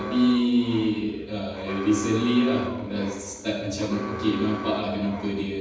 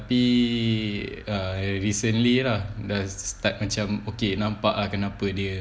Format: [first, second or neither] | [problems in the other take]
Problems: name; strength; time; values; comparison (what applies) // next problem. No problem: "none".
second | background sound (Alarm); 12 dB below the speech // room echo; dies away in 1.1 s